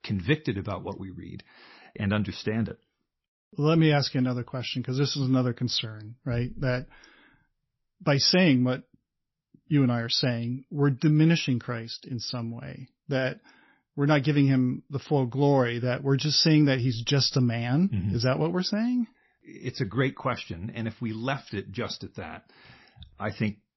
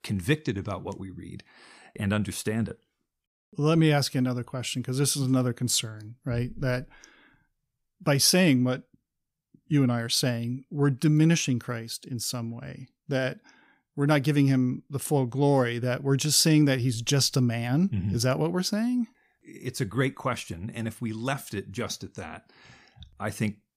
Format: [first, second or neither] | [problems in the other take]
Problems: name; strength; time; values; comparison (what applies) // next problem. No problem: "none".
second | garbled, watery; slightly; nothing above 5.5 kHz